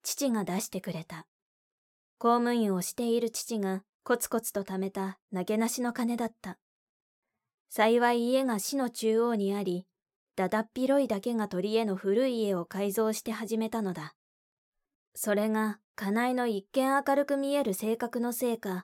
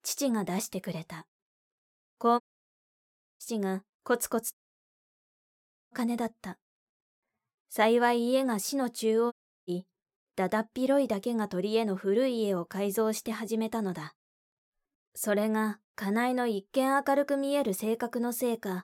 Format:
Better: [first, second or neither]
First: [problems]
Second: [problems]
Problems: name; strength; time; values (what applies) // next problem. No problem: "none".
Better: first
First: none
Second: audio cutting out; at 2.5 s for 1 s, at 4.5 s for 1.5 s and at 9.5 s